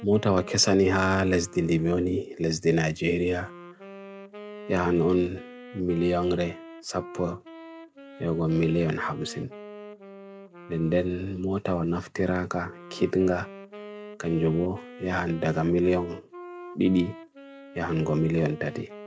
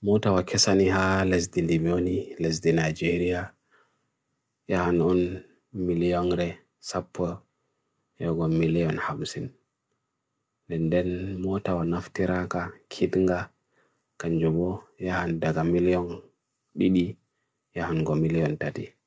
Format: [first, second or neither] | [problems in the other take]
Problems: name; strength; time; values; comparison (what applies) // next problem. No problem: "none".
second | background sound (Wind instrument, woodwind instrument); 17 dB below the speech